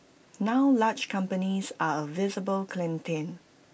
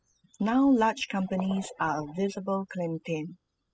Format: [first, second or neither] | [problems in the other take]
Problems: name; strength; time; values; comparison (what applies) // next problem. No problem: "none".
first | noise reduction (classical method spectral subtraction)